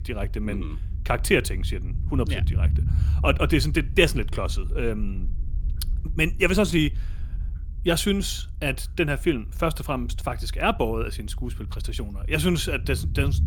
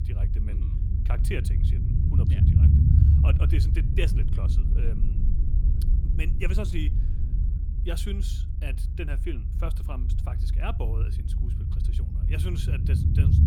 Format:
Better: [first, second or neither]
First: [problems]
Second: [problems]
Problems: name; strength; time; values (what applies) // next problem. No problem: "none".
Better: first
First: low rumble; faint; throughout; 20 dB below the speech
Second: low rumble; loud; throughout; 2 dB below the speech